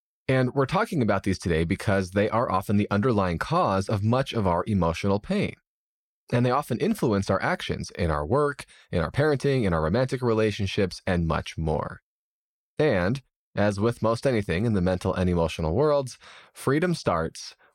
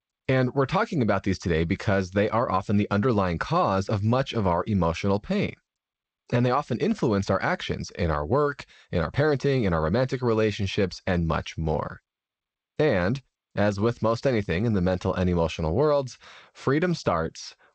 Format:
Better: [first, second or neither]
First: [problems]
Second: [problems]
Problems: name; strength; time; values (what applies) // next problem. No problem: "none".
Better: first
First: none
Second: garbled, watery; slightly